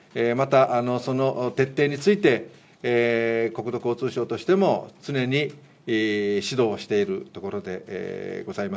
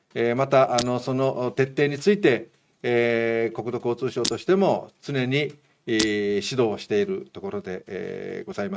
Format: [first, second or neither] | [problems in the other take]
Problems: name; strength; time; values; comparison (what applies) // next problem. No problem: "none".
first | noise reduction (neural mask model RNNoise)